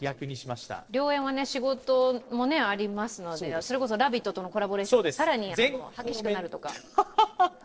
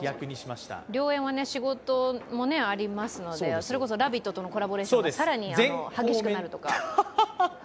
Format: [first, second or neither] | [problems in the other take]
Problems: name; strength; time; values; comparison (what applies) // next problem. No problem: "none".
second | noise reduction (neural separator model SepFormer DNS4)